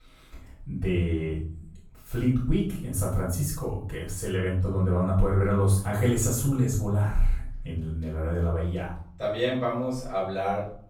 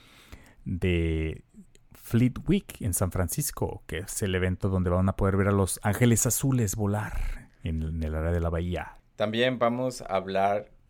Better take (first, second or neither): second